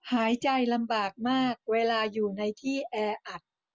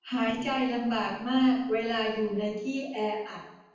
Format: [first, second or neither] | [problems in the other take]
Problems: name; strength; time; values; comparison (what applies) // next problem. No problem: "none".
first | noise reduction (neural separator model SepFormer DNS4)